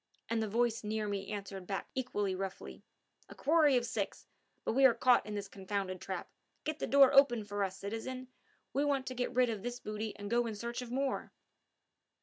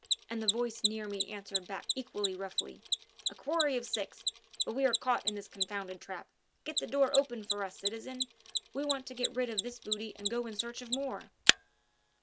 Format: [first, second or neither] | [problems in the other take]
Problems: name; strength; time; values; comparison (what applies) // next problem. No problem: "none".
first | background sound (Mechanisms); 1 dB below the speech